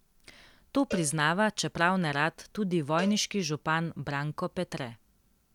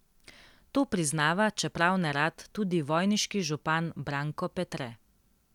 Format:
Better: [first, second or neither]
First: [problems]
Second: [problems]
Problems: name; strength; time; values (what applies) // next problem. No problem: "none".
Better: second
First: background sound (Cowbell); 17 dB below the speech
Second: none